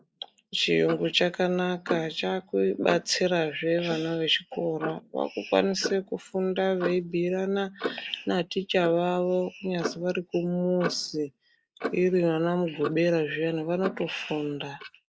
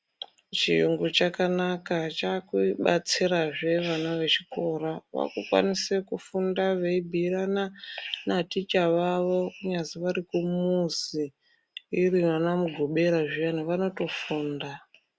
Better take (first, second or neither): second